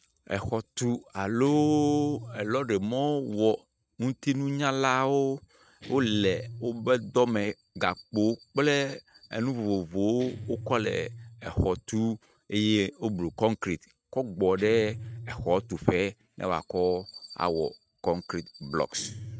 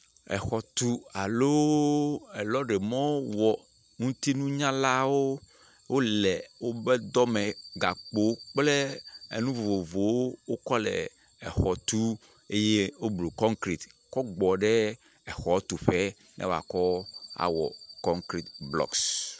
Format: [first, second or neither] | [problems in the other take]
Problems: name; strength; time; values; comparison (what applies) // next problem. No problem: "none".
second | noise reduction (neural mask model RNNoise)